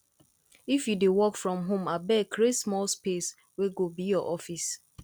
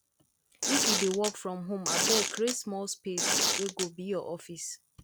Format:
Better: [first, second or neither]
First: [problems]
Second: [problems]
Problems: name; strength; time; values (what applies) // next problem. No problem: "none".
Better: first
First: none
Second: background sound (Tearing); 4 dB above the speech